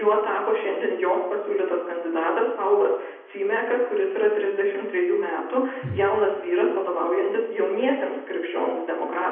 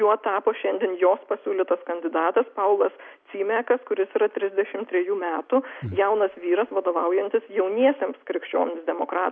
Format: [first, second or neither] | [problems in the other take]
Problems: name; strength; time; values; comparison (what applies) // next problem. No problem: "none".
second | room echo; dies away in 0.9 s